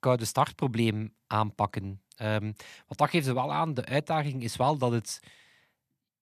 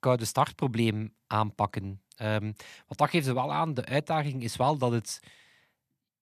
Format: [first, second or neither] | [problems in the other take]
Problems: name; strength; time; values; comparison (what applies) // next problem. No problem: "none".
neither | none